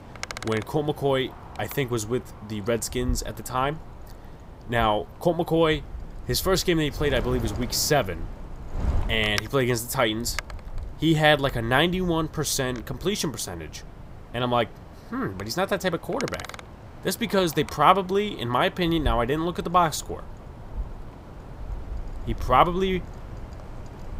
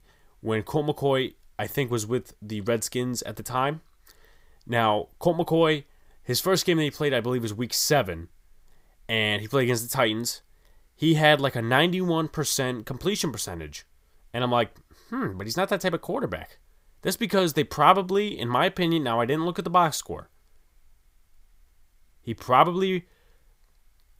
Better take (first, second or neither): second